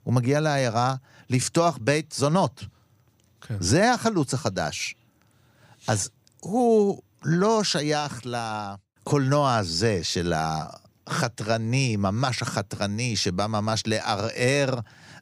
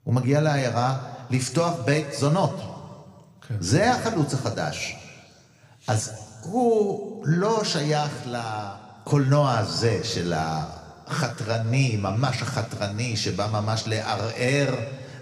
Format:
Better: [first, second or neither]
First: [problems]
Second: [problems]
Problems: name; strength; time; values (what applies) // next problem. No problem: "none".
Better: first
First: none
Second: room echo; slight; dies away in 1.6 s